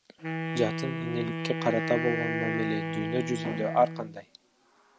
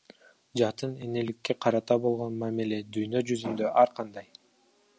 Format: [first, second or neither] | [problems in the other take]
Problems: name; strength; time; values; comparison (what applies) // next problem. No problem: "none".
second | background sound (Wind instrument, woodwind instrument); 2 dB below the speech